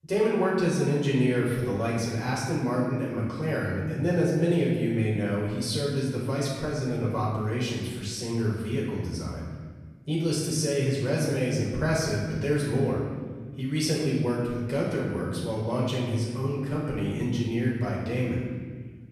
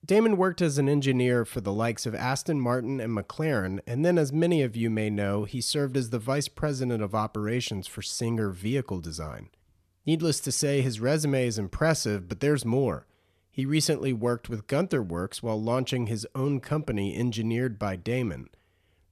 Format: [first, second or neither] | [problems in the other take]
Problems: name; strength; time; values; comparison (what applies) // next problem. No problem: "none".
second | room echo; noticeable; dies away in 1.5 s // off-mic speech; far